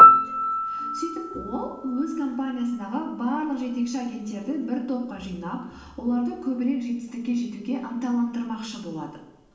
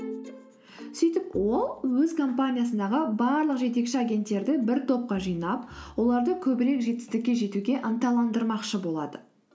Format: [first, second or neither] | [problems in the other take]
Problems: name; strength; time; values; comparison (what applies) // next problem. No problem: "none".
second | background sound (Piano); 3 dB above the speech // room echo; dies away in 0.9 s